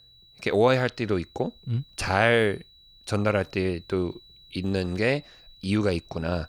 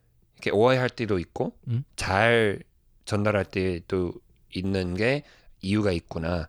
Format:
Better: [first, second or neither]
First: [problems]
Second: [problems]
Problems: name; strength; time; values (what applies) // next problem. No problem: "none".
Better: second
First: high-pitched whine; faint; throughout; 4 kHz, 25 dB below the speech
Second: none